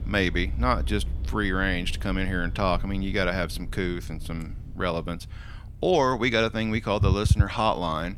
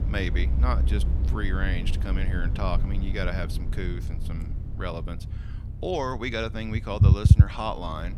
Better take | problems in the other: first | low rumble; loud; throughout; 7 dB below the speech; faint in the first

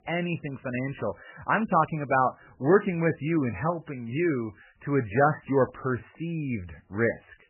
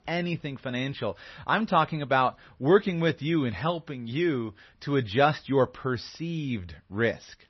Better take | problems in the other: second | garbled, watery; badly; nothing above 3 kHz; slightly in the second

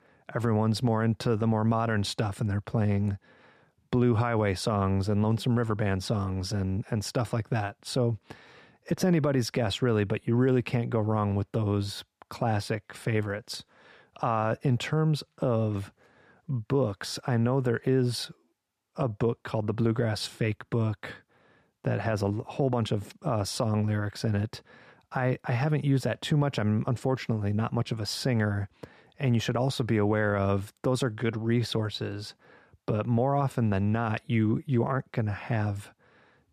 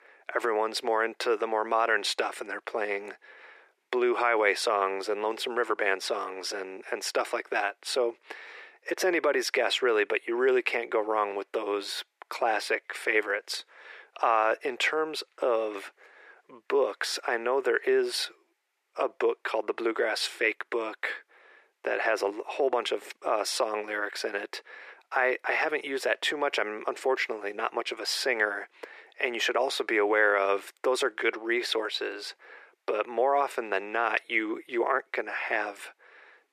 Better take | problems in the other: first | thin; very; fading below 350 Hz

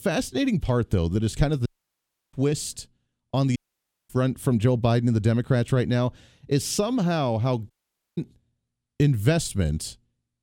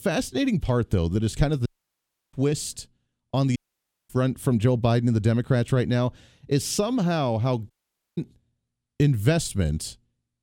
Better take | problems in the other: neither | audio cutting out; at 1.5 s for 0.5 s, at 3.5 s for 0.5 s and at 7.5 s; the same in both

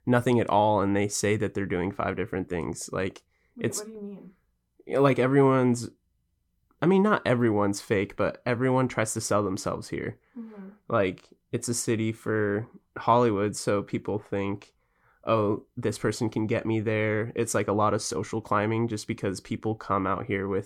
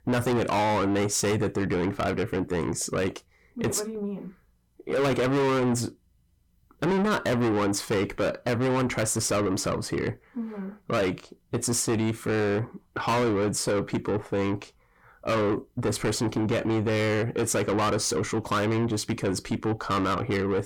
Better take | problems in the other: first | distortion; heavy; 6 dB below the speech

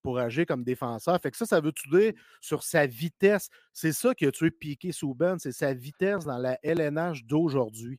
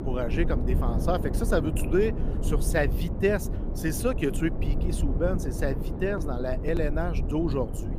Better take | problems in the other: first | wind noise on the microphone; heavy; 9 dB below the speech

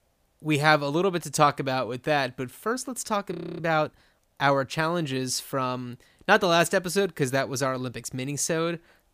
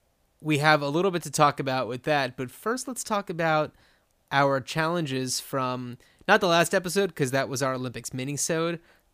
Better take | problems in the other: second | audio freezing; at 3.5 s

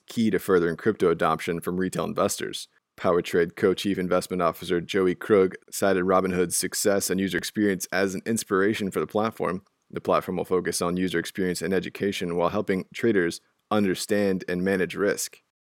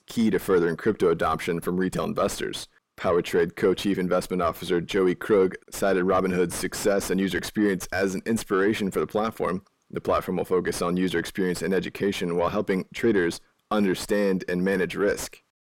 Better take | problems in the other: first | distortion; slight; 9 dB below the speech

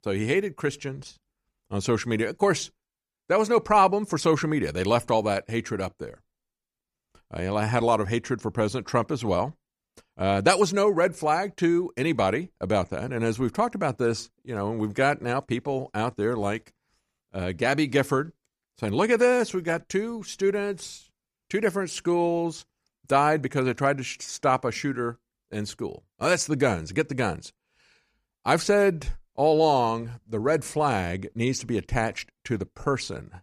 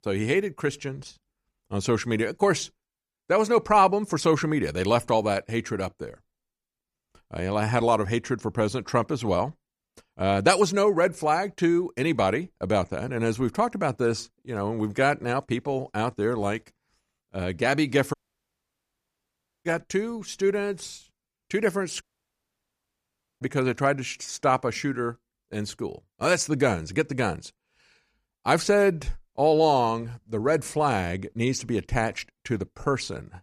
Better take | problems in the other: first | audio cutting out; at 18 s for 1.5 s and at 22 s for 1.5 s

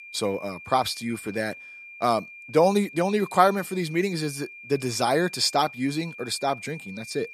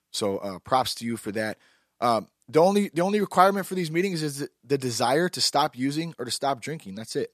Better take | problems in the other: second | high-pitched whine; noticeable; throughout; 2.5 kHz, 15 dB below the speech

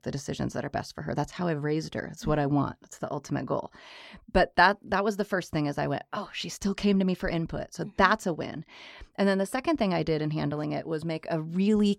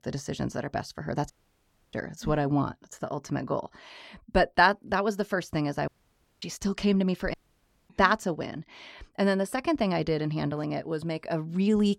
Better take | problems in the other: first | audio cutting out; at 1.5 s for 0.5 s, at 6 s for 0.5 s and at 7.5 s for 0.5 s

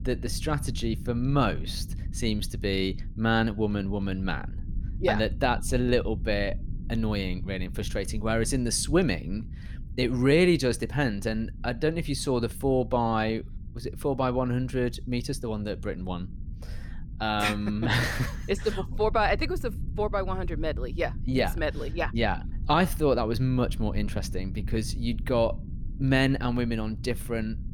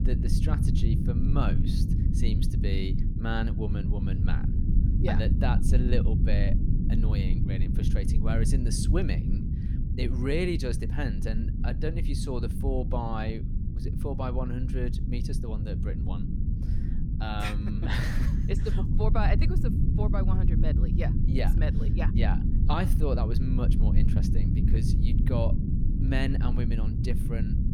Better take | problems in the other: first | low rumble; loud; throughout; 4 dB below the speech; faint in the first

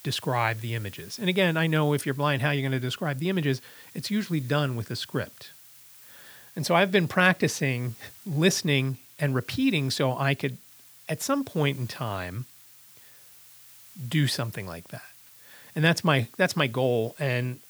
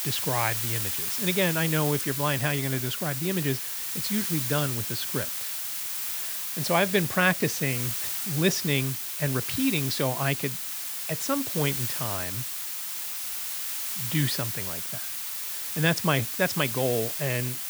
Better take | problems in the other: first | hiss; loud; throughout; 1 dB below the speech; faint in the first

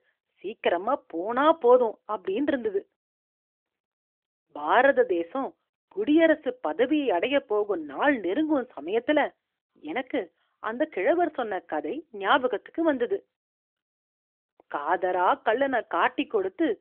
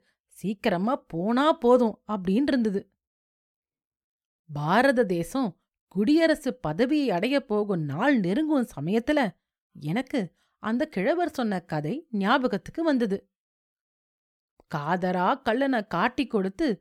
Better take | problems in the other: second | phone-call audio; nothing above 3.5 kHz

